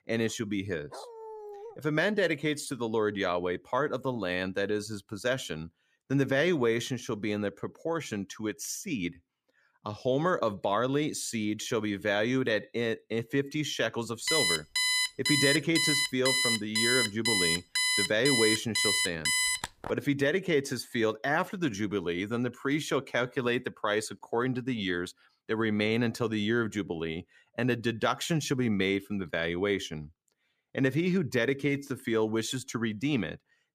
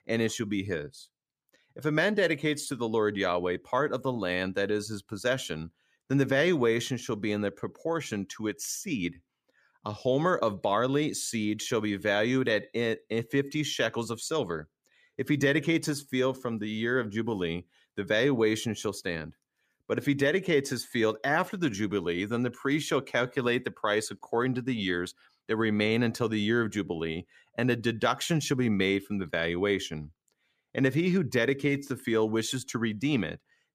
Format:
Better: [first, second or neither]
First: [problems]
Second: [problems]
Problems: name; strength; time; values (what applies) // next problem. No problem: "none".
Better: second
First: dog barking; faint; at 1 s; peak 15 dB below the speech // alarm; loud; from 14 to 20 s; peak 5 dB above the speech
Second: none